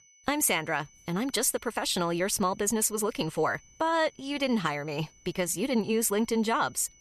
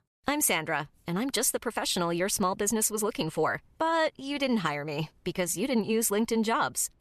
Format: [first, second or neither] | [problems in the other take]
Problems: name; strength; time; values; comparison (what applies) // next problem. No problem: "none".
second | high-pitched whine; faint; throughout; 6 kHz, 30 dB below the speech